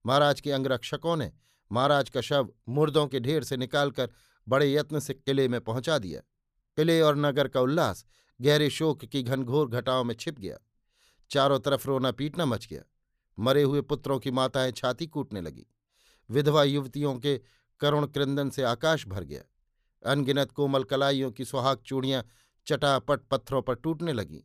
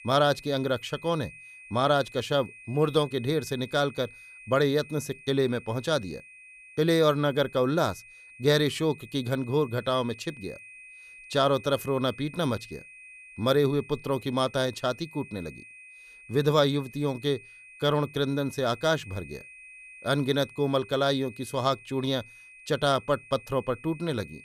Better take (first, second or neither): first